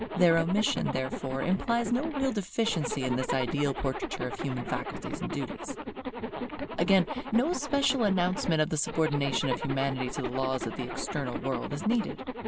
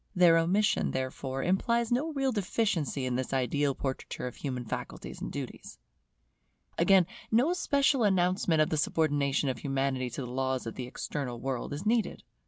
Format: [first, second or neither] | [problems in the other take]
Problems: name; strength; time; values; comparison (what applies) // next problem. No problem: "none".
second | background sound (Zipper (clothing)); 6 dB below the speech